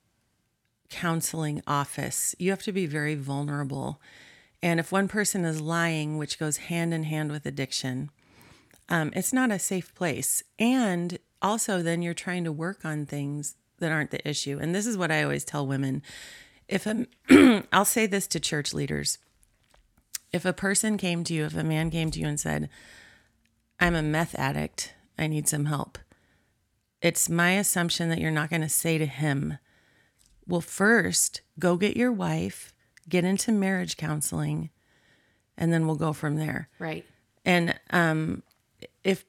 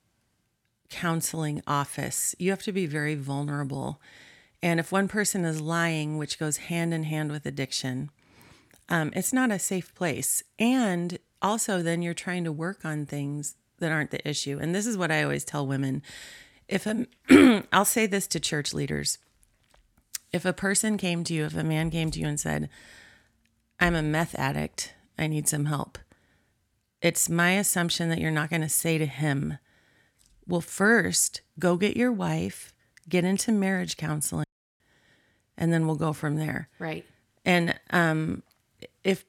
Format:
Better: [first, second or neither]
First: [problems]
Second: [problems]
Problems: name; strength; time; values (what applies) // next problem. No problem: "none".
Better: first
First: none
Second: audio cutting out; at 34 s